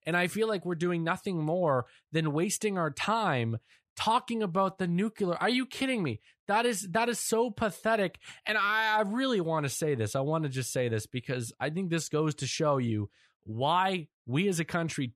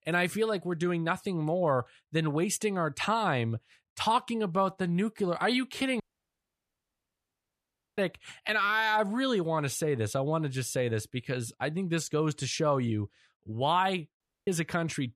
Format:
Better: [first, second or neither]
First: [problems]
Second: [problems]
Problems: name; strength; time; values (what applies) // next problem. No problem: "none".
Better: first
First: none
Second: audio cutting out; at 6 s for 2 s and at 14 s